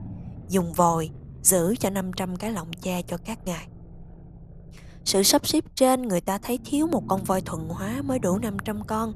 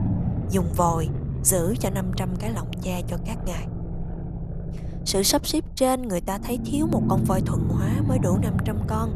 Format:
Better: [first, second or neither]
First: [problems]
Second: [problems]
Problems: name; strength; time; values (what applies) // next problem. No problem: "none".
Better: first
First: low rumble; faint; throughout; 25 dB below the speech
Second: low rumble; loud; throughout; 9 dB below the speech